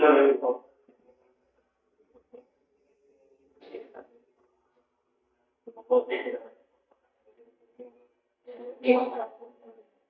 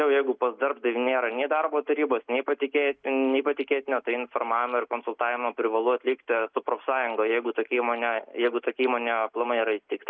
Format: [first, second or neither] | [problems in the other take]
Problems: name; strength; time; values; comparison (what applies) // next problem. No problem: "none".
second | noise reduction (neural mask model DeepFilterNet 3)